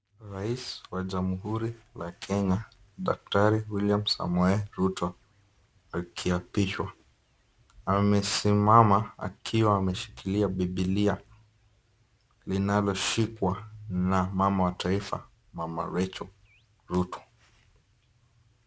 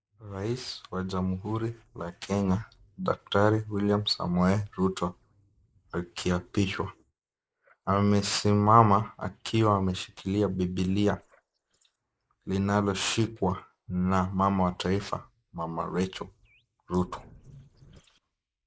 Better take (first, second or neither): first